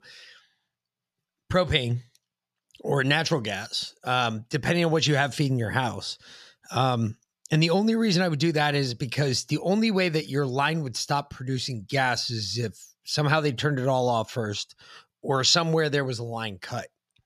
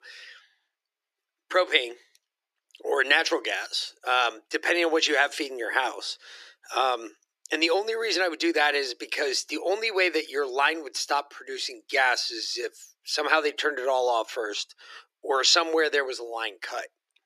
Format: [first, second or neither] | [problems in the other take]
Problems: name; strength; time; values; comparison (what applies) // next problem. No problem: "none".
first | thin; very; fading below 300 Hz